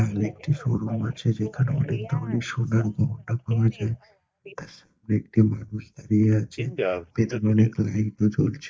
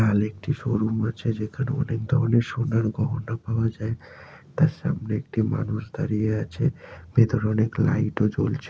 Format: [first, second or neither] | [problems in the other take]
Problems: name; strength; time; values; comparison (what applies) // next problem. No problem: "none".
second | noise reduction (neural mask model DeepFilterNet 3)